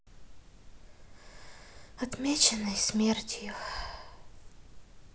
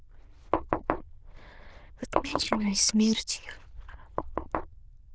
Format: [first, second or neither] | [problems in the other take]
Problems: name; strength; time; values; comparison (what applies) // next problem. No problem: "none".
first | noise reduction (neural diffusion model UNIVERSE++)